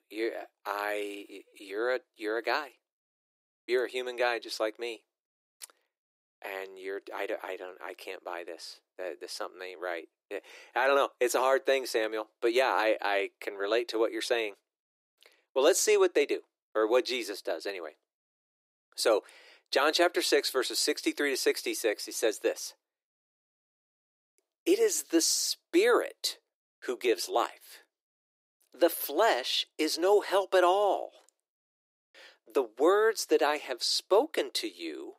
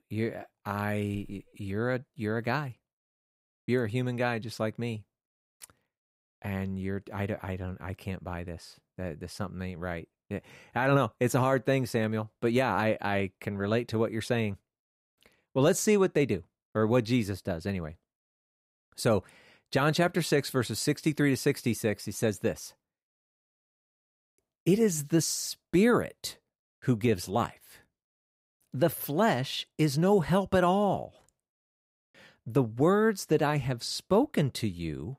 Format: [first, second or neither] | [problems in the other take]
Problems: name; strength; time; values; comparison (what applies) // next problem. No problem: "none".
second | thin; very; fading below 350 Hz